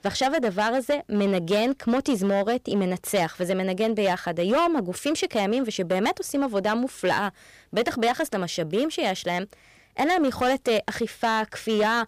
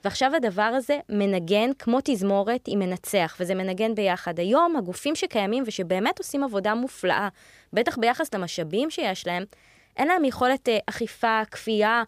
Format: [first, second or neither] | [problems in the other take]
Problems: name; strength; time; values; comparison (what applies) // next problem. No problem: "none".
second | distortion; slight; 9% of the sound clipped